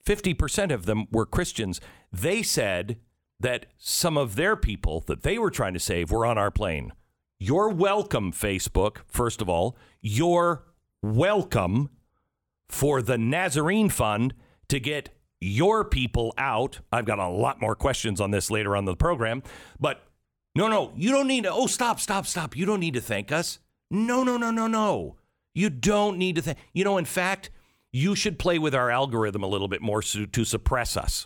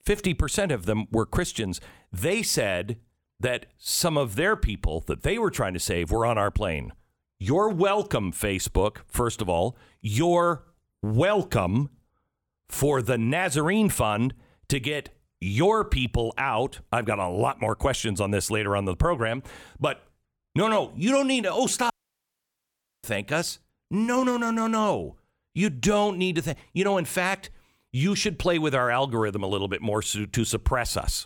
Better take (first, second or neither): first